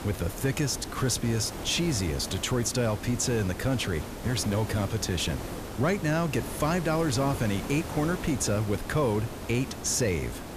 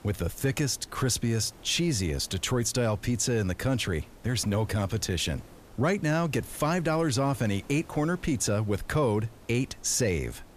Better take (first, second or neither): second